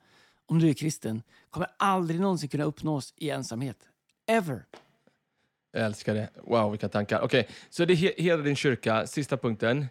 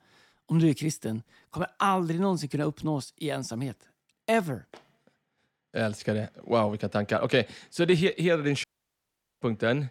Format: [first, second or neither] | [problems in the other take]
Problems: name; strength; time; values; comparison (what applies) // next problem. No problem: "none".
first | audio cutting out; at 8.5 s for 1 s